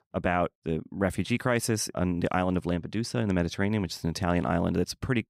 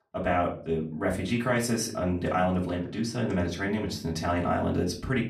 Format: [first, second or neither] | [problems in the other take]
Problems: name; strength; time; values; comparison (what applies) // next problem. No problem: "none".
first | off-mic speech; far // room echo; very slight; dies away in 0.3 s